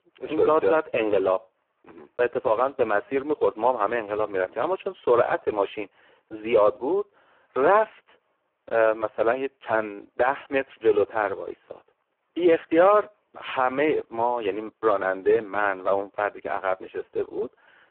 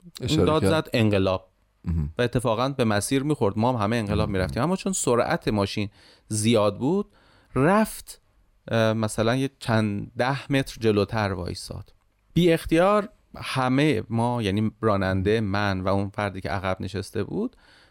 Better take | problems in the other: second | phone-call audio; poor line

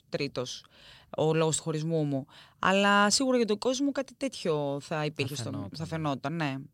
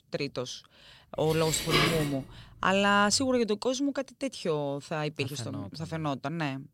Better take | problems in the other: first | clattering dishes; loud; from 1.5 to 3 s; peak 4 dB above the speech

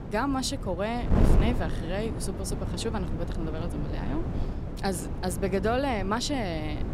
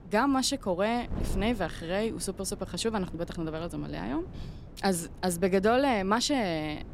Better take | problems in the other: second | wind noise on the microphone; heavy; 7 dB below the speech; occasional gusts in the second

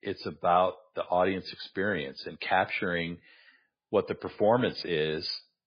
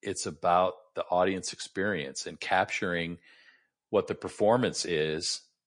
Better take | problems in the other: second | garbled, watery; badly; slightly in the second

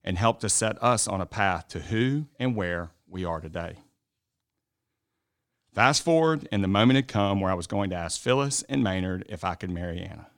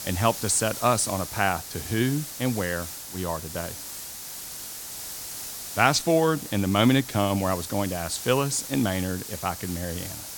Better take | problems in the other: first | hiss; loud; throughout; 9 dB below the speech

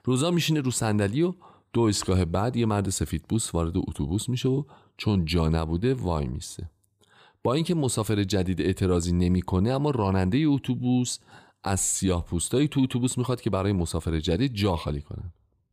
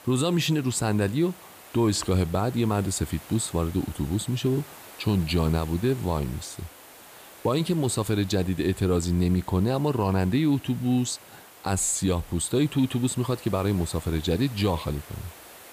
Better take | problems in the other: first | hiss; noticeable; throughout; 20 dB below the speech

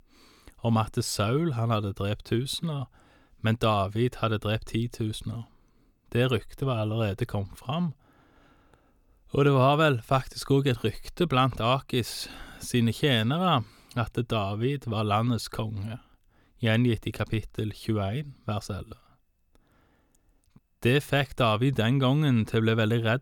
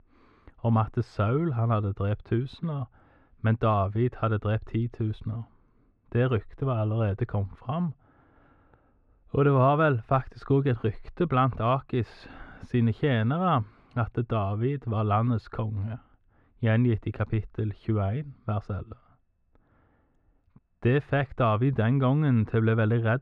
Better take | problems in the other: first | muffled; very; fading above 1.5 kHz

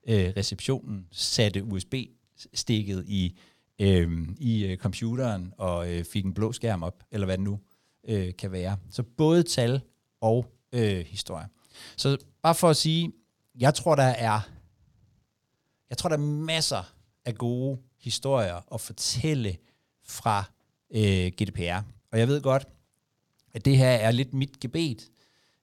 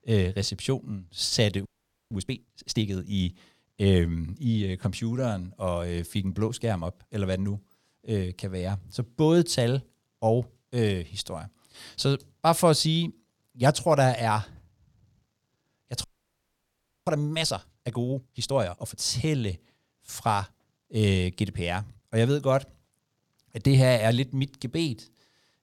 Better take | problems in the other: first | audio freezing; at 1.5 s and at 16 s for 1 s

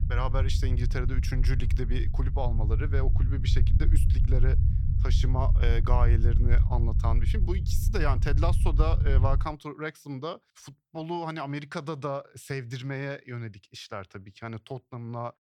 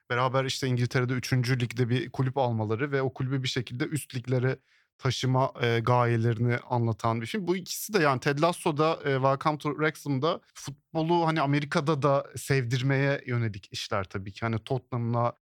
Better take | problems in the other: second | low rumble; loud; until 9.5 s; 8 dB below the speech

